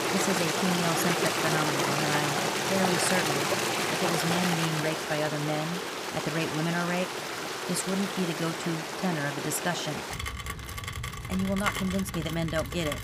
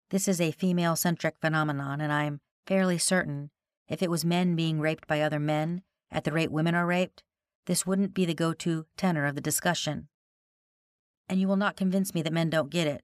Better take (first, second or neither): second